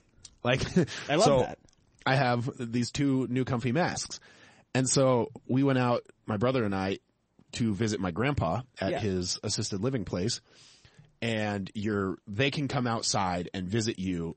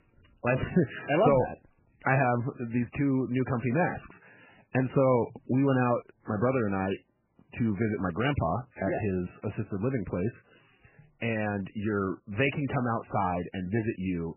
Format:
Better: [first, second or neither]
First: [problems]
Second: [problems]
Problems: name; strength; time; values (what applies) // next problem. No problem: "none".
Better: first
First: garbled, watery; slightly; nothing above 8 kHz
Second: garbled, watery; badly; nothing above 3 kHz